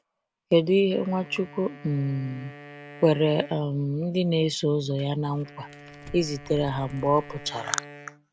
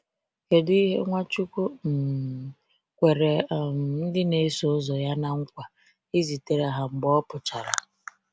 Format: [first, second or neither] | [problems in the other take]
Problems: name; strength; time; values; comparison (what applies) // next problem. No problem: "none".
second | background sound (Wind instrument, woodwind instrument + Crumpling, crinkling); 19 dB below the speech